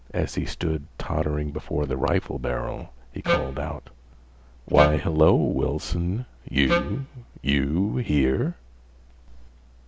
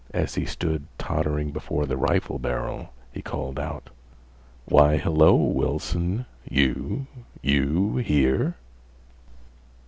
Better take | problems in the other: second | background sound (Wind instrument, woodwind instrument); 1 dB below the speech

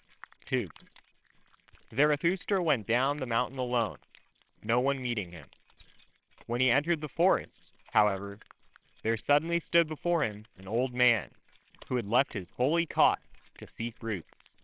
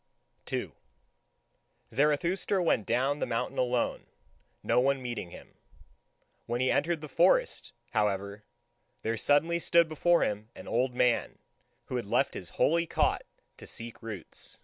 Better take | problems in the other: second | noise reduction (neural separator model SepFormer WHAMR!)

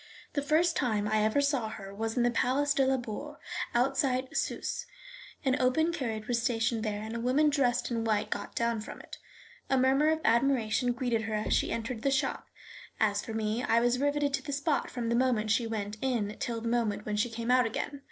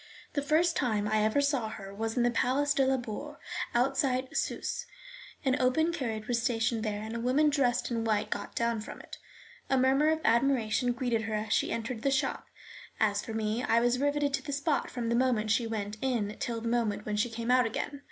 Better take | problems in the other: second | noise reduction (neural separator model SepFormer DNS4)

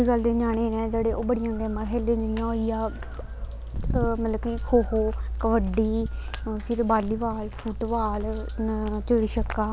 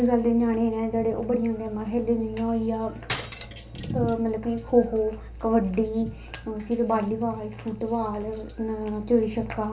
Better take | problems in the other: first | background sound (Cutlery, silverware); 13 dB below the speech // room echo; dies away in 0.3 s

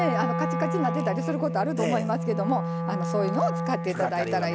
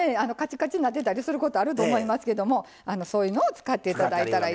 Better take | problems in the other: second | background sound (Wind instrument, woodwind instrument); 1 dB below the speech

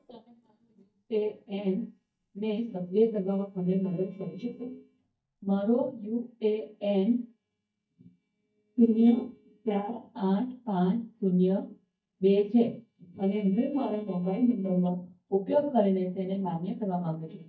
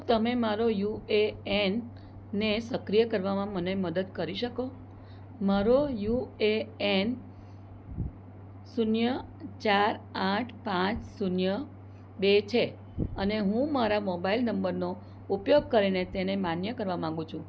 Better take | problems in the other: second | noise reduction (neural mask model DeepFilterNet 3)

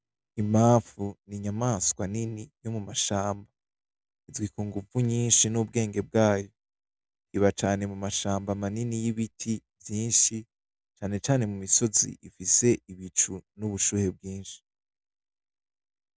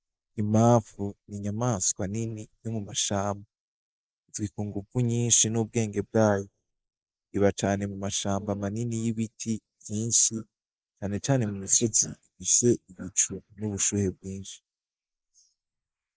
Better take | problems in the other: first | noise reduction (neural mask model Resemble Enhance denoiser)

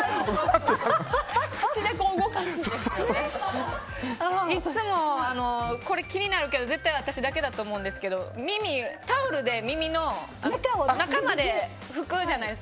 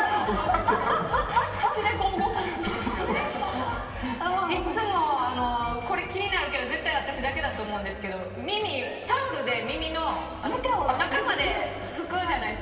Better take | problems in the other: first | room echo; dies away in 2.6 s

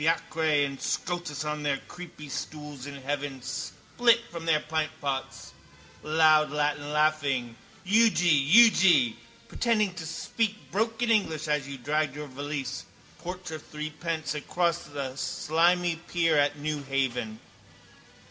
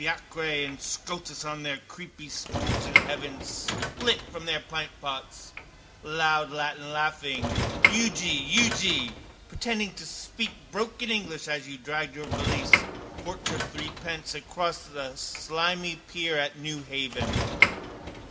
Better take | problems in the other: first | background sound (Sliding door / Train); 1 dB below the speech

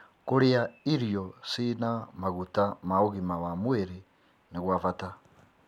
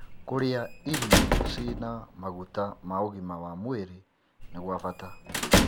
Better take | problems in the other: first | background sound (Squeak / Slam / Human group actions); 4 dB above the speech

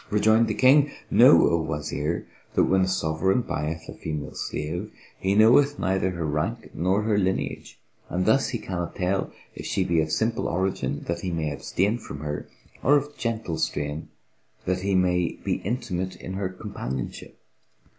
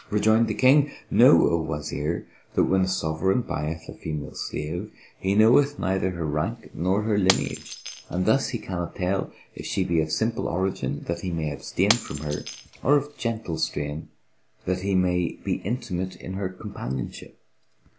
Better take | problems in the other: first | background sound (Shatter); 11 dB below the speech

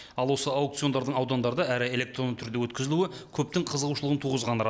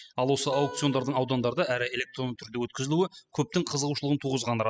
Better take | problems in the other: first | noise reduction (classical method spectral subtraction)

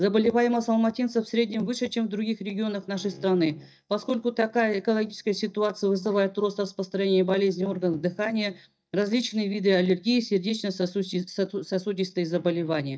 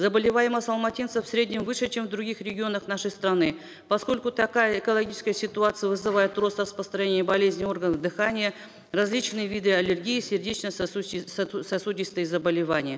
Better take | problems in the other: second | noise reduction (neural mask model DeepFilterNet 3)

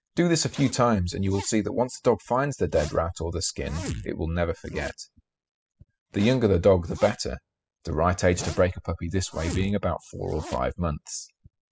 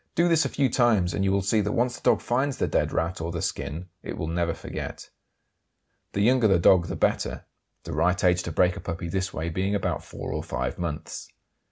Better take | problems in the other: second | noise reduction (classical method spectral subtraction)

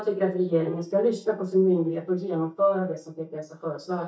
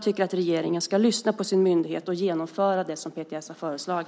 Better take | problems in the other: second | noise reduction (neural mask model DeepFilterNet 3)

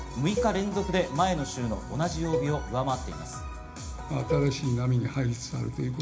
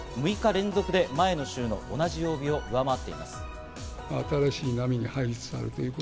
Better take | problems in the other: second | background sound (Cowbell); 10 dB below the speech // room echo; dies away in 0.4 s

